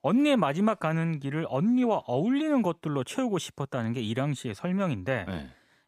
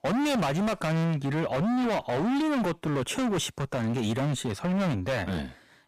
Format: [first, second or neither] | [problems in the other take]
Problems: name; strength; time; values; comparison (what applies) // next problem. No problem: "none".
first | distortion; heavy; 37% of the sound clipped